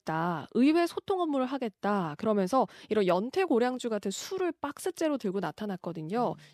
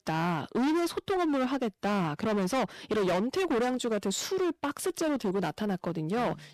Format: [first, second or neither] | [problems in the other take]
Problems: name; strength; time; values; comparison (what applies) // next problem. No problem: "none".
first | distortion; heavy; 23% of the sound clipped